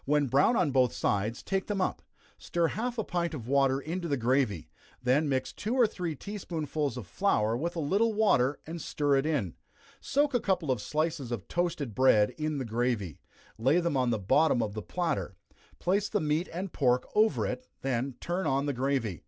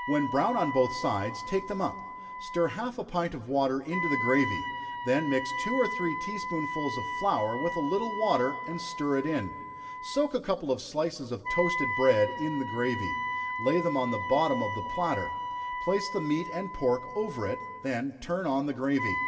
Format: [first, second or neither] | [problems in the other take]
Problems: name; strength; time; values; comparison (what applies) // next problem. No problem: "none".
first | background sound (Wind instrument, woodwind instrument); 6 dB below the speech // room echo; dies away in 1.4 s